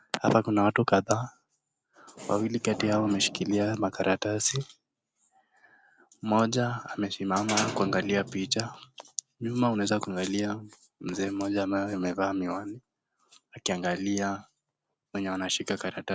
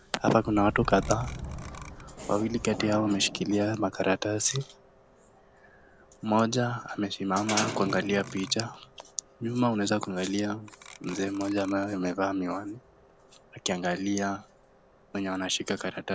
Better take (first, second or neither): first